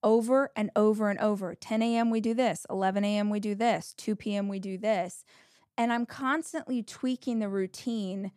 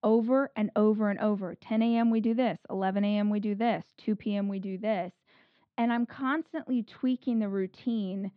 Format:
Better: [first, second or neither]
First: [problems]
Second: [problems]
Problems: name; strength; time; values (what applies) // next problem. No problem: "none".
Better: first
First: none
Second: muffled; slightly; fading above 4 kHz